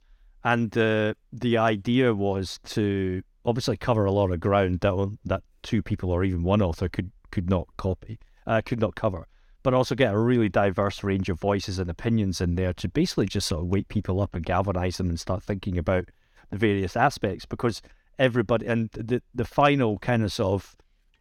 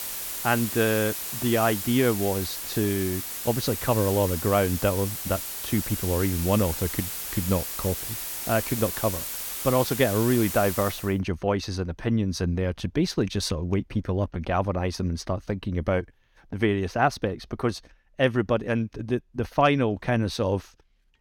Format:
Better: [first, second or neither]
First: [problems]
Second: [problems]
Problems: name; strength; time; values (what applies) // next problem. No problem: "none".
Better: first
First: none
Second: hiss; loud; until 11 s; 4 dB below the speech